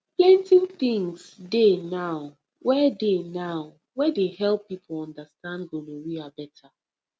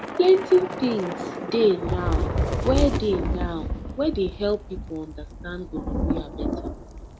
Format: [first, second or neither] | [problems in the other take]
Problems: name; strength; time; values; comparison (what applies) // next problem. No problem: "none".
first | background sound (Thunder / Rain); 3 dB below the speech